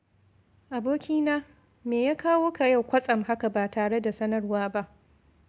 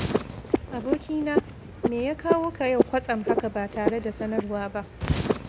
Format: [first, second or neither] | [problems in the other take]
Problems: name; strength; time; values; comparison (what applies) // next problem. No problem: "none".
first | background sound (Frog); 1 dB above the speech